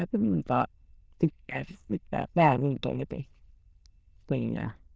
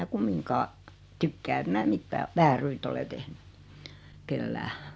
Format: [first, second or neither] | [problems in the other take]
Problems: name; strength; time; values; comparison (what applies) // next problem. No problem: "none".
second | noise reduction (neural diffusion model UNIVERSE++)